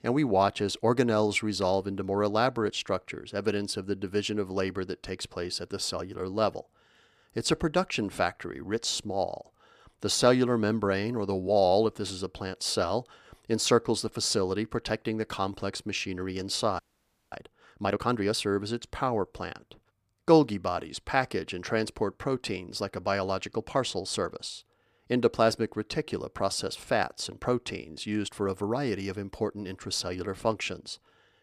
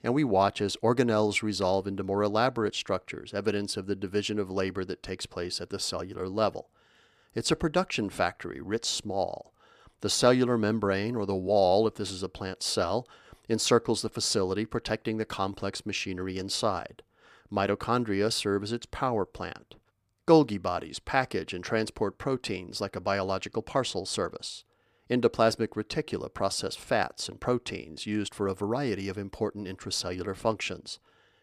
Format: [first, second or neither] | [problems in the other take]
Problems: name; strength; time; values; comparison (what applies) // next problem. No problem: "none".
second | audio freezing; at 17 s for 0.5 s